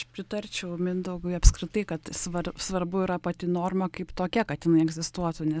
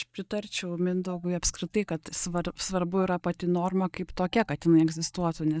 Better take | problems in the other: first | noise reduction (neural mask model DeepFilterNet 3)

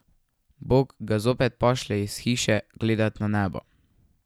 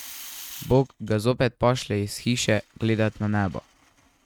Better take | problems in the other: first | noise reduction (neural mask model RNNoise)

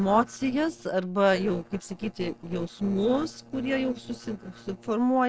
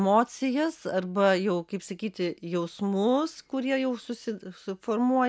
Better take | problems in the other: second | noise reduction (neural separator model SepFormer DNS4)

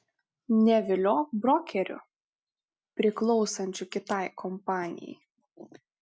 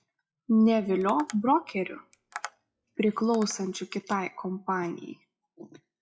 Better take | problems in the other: first | noise reduction (classical method WPE with log-MMSE)

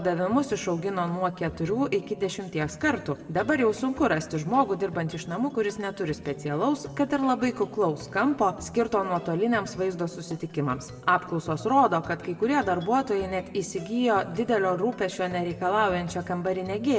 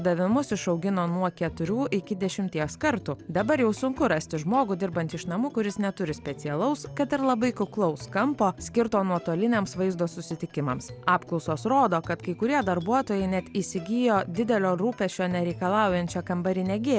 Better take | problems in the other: second | room echo; dies away in 0.7 s

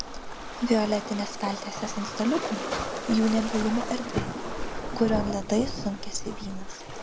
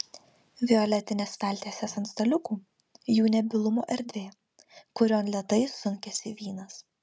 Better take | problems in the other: second | background sound (Waves, surf); 4 dB below the speech

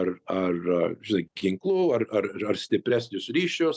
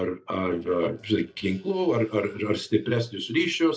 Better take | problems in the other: first | noise reduction (neural separator model SepFormer DNS4)

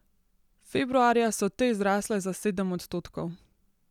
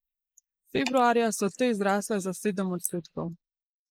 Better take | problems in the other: first | noise reduction (neural mask model Resemble Enhance denoiser)

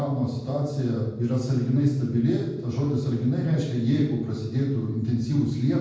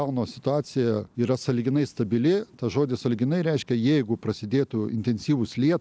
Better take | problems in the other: second | room echo; dies away in 1.2 s

